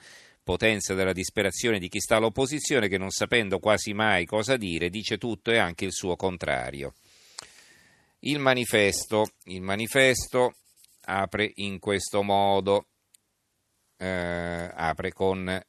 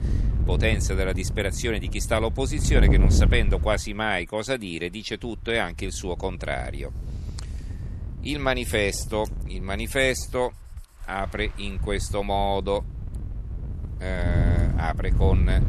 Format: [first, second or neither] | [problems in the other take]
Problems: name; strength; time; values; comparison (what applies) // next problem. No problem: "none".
first | wind noise on the microphone; occasional gusts; 15 dB below the speech